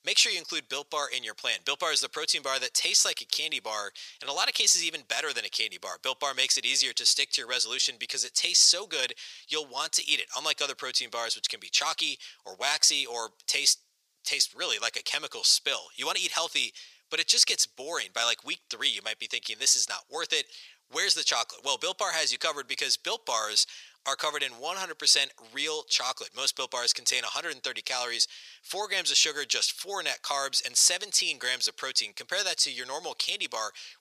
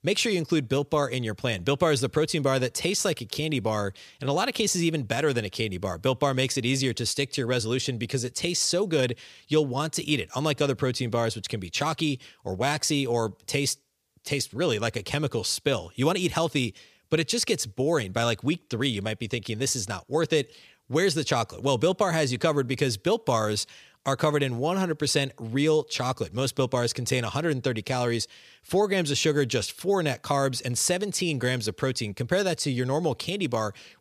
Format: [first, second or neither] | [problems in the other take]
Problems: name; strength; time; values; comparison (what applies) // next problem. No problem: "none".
second | thin; very; fading below 900 Hz